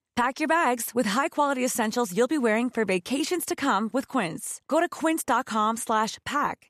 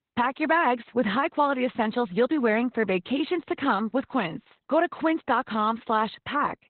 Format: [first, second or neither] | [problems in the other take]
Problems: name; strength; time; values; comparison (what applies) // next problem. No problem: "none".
first | garbled, watery; badly; nothing above 4 kHz